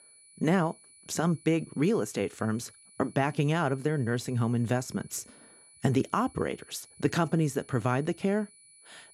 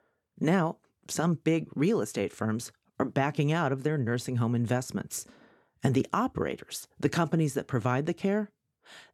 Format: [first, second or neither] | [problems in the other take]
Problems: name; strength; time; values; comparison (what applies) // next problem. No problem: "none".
second | high-pitched whine; faint; throughout; 10 kHz, 25 dB below the speech